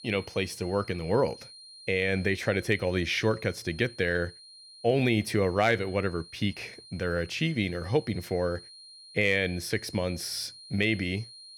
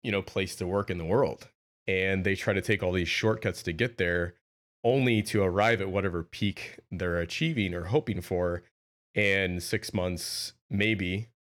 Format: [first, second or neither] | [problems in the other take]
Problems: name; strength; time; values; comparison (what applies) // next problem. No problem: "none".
second | high-pitched whine; noticeable; throughout; 4 kHz, 20 dB below the speech